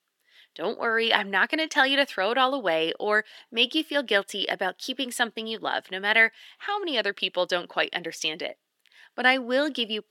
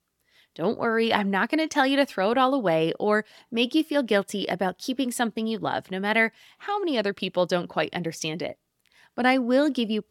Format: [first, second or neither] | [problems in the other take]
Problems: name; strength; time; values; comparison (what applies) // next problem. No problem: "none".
second | thin; somewhat; fading below 350 Hz